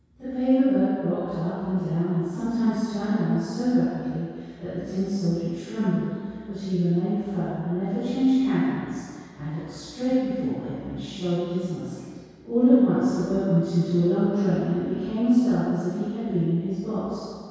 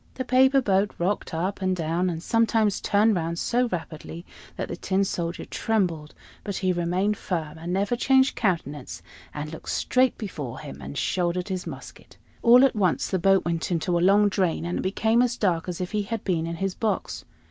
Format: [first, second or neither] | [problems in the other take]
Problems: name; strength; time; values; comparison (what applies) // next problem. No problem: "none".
second | room echo; dies away in 2 s